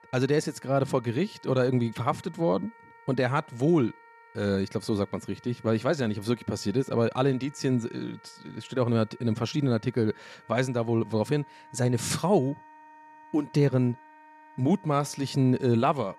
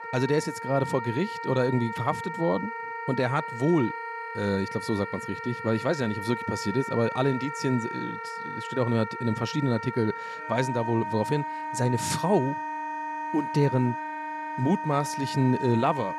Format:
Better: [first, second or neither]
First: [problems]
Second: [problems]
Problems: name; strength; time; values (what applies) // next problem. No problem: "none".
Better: first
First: background music; faint; throughout; 25 dB below the speech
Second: background music; loud; throughout; 6 dB below the speech